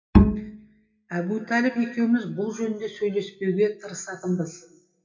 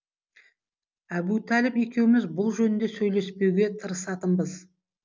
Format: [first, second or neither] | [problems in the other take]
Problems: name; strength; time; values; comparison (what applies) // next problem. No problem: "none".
second | noise reduction (classical method WPE with log-MMSE)